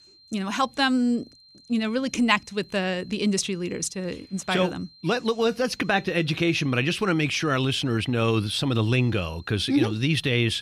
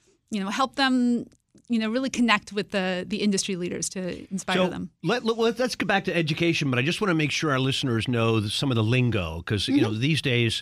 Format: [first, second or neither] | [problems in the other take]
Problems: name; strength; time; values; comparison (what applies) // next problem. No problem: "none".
second | high-pitched whine; faint; throughout; 4 kHz, 25 dB below the speech